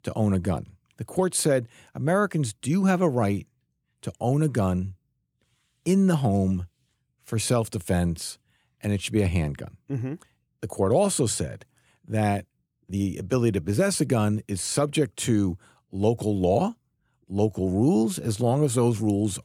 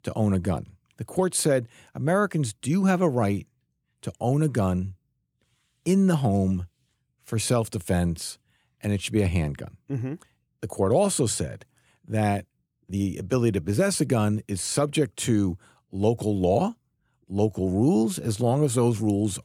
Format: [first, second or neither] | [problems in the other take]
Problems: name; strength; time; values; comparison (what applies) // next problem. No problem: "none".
neither | none